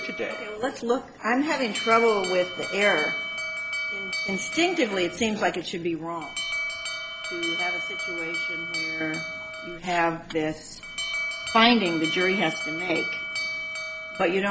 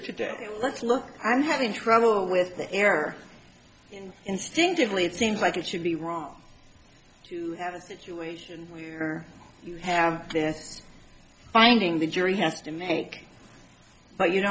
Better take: second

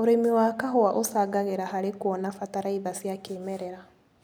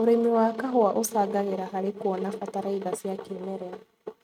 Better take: first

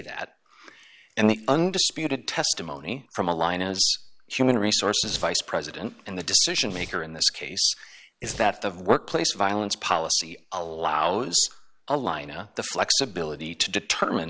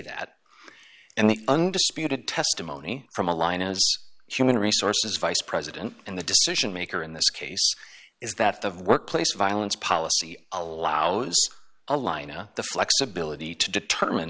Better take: second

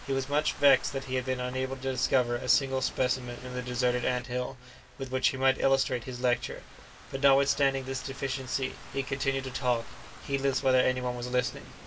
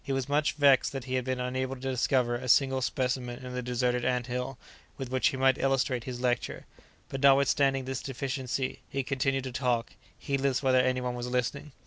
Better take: second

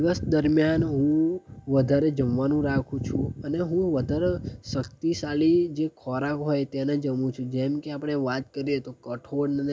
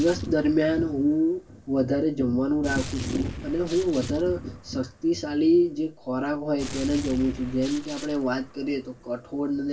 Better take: first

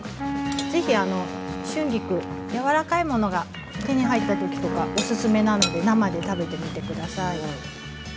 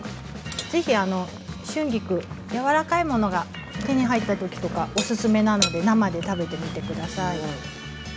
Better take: second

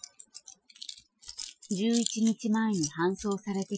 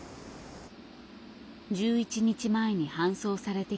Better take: second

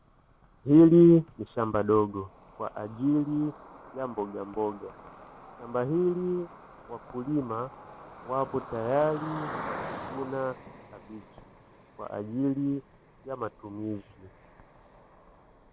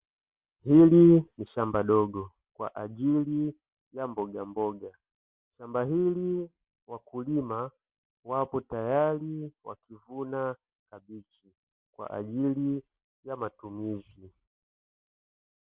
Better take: second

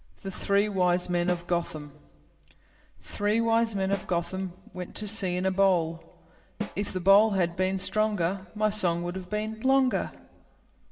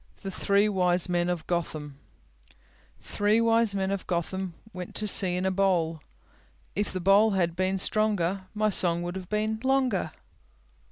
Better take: second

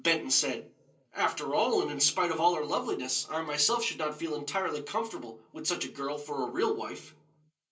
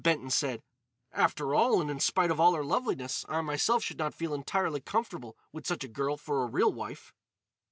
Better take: second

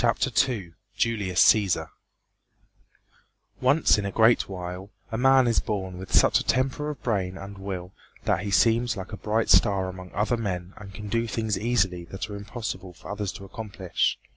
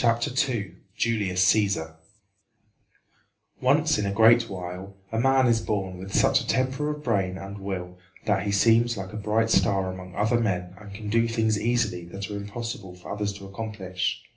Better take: first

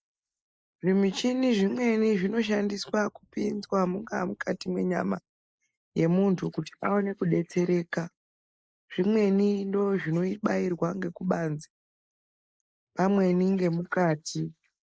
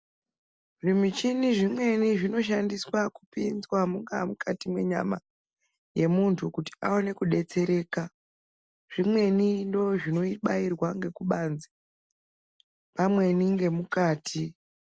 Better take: second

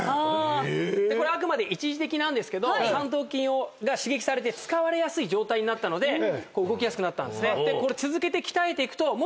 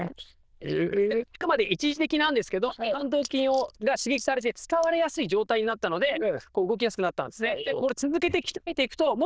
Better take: first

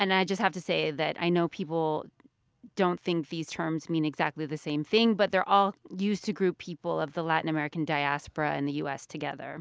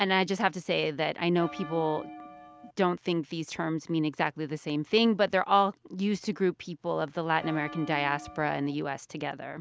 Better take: first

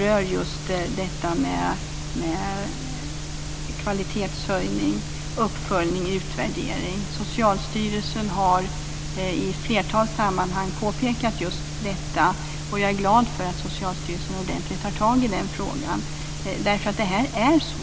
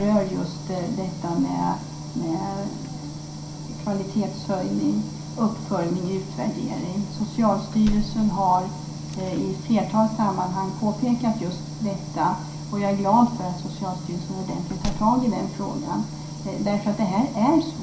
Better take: first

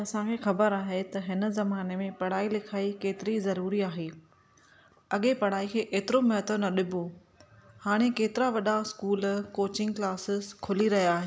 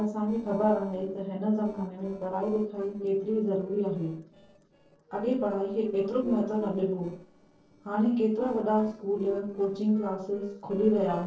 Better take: first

